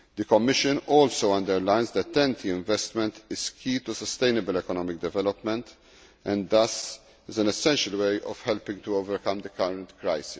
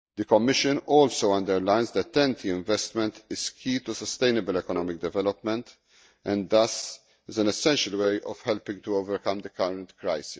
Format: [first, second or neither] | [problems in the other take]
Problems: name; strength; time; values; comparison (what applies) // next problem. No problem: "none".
first | noise reduction (neural mask model DeepFilterNet 3)